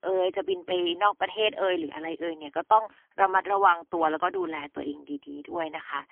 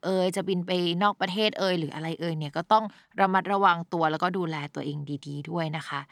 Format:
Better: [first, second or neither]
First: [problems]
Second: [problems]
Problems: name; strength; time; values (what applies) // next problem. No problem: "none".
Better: second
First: phone-call audio; poor line; nothing above 3.5 kHz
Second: none